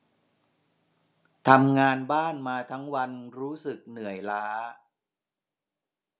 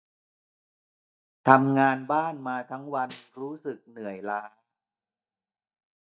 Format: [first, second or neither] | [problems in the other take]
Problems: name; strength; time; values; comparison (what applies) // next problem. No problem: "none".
first | noise reduction (neural mask model DeepFilterNet 3)